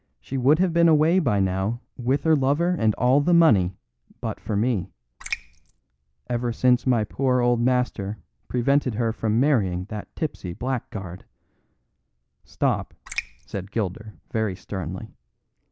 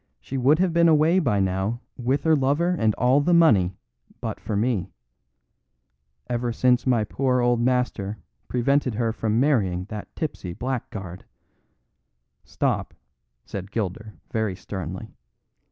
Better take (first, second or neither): second